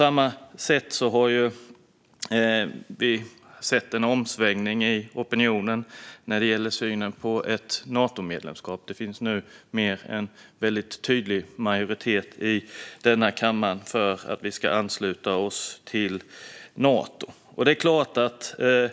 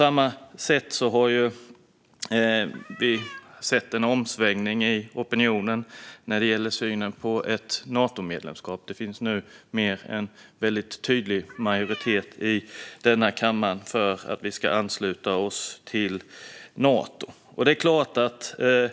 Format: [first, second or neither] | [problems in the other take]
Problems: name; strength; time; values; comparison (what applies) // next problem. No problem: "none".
first | background sound (Cat); 16 dB below the speech